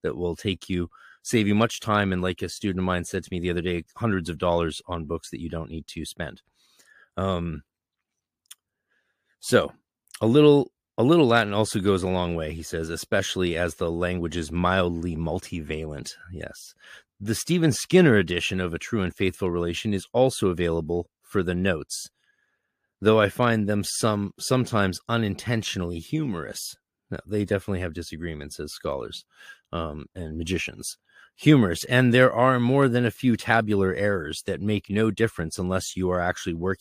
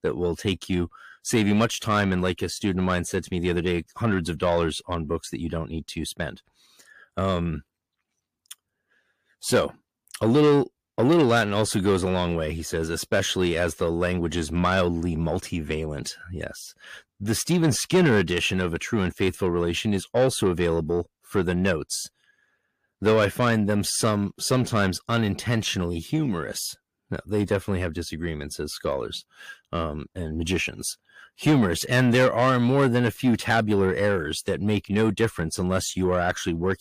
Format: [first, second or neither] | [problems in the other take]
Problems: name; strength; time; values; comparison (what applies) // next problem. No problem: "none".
first | distortion; slight; 10 dB below the speech